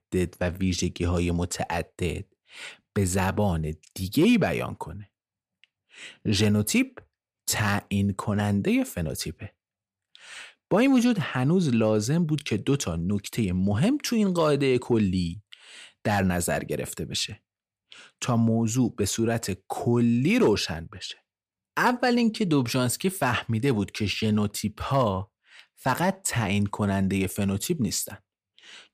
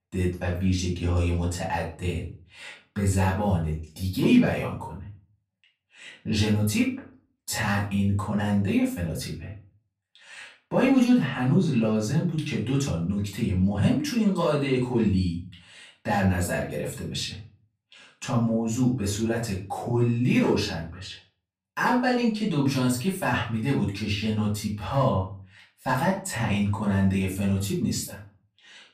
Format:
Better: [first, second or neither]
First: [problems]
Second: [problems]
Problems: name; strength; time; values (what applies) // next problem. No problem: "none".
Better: first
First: none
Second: room echo; slight; dies away in 0.4 s // off-mic speech; far